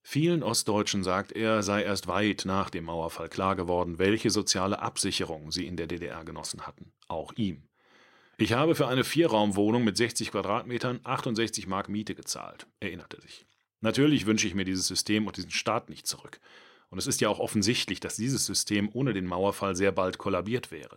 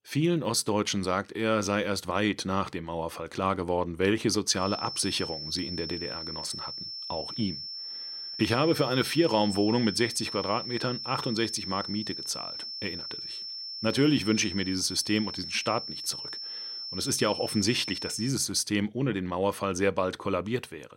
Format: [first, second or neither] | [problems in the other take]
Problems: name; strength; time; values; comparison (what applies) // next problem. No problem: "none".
first | high-pitched whine; loud; from 4.5 to 18 s; 5.5 kHz, 6 dB below the speech